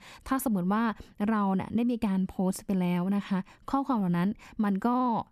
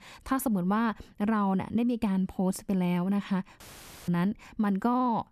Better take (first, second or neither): first